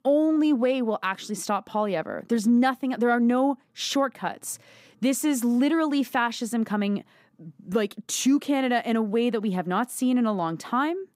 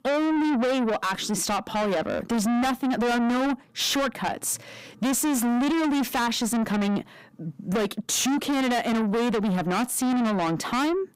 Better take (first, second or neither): first